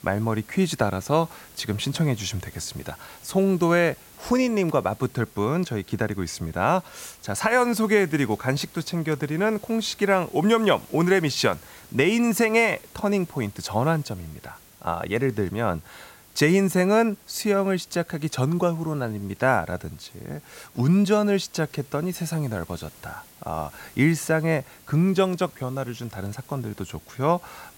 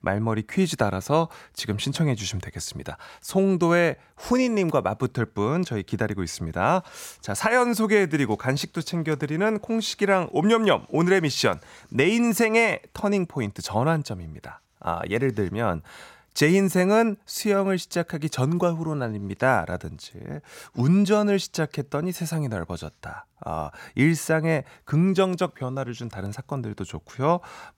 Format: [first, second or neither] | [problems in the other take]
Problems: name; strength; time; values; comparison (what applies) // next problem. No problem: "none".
second | hiss; faint; throughout; 25 dB below the speech